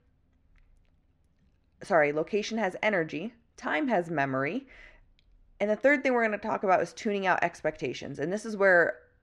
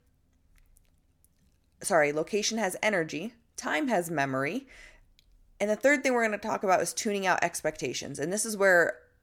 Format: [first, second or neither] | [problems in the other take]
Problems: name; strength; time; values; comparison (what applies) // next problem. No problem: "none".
second | muffled; slightly; fading above 3 kHz